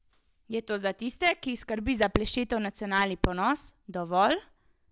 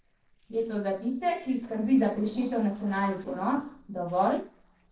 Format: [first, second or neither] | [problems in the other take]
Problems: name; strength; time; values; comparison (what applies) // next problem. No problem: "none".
first | noise reduction (neural separator model SepFormer DNS4)